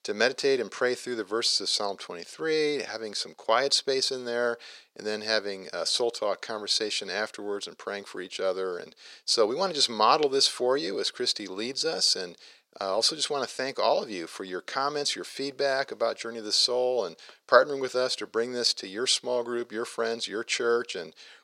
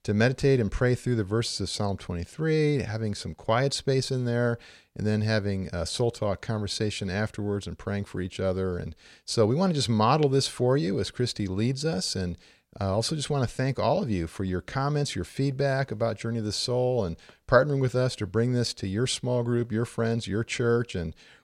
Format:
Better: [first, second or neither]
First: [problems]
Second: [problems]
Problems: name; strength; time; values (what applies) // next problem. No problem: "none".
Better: second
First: thin; very; fading below 350 Hz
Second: none